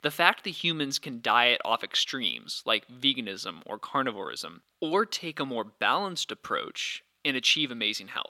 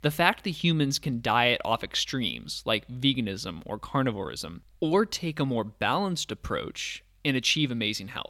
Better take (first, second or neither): second